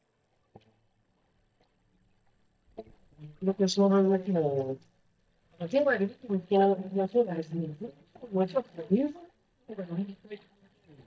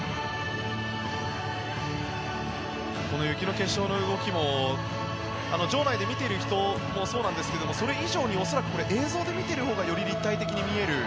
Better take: second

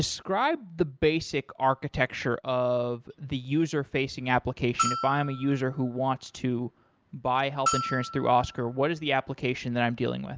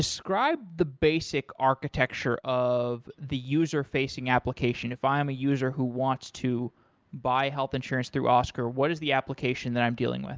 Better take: second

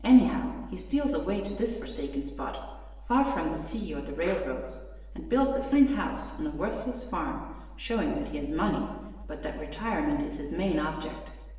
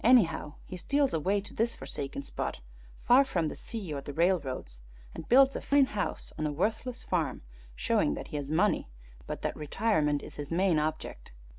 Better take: second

